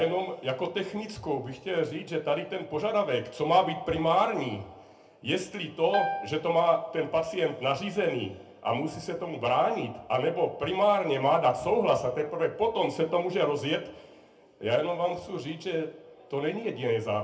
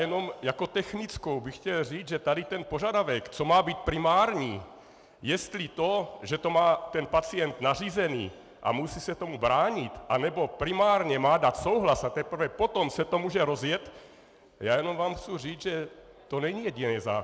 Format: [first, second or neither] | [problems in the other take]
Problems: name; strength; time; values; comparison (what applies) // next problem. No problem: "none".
second | background sound (Piano); 6 dB below the speech // room echo; dies away in 0.3 s